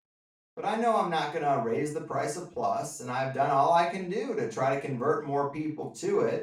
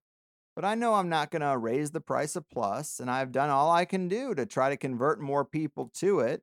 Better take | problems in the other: second | room echo; slight; dies away in 0.3 s // off-mic speech; far

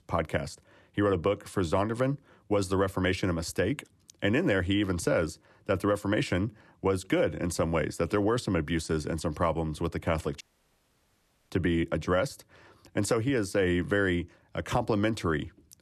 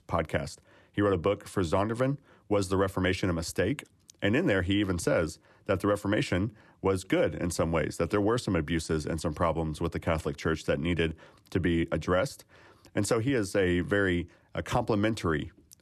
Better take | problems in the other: second | audio cutting out; at 10 s for 1 s

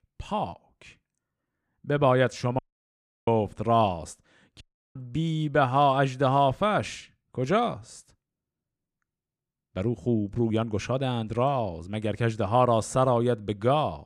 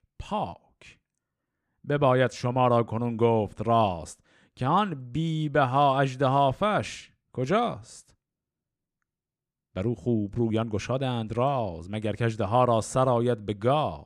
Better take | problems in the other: second | audio cutting out; at 2.5 s for 0.5 s and at 4.5 s

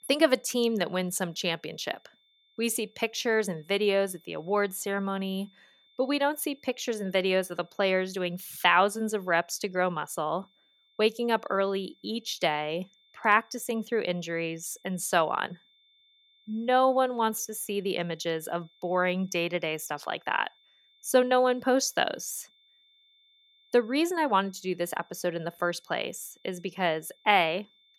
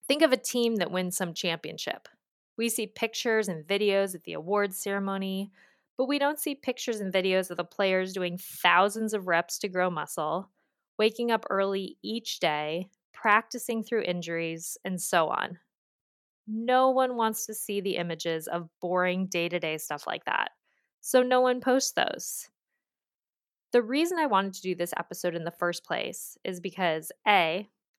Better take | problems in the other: second | high-pitched whine; faint; throughout; 3.5 kHz, 35 dB below the speech

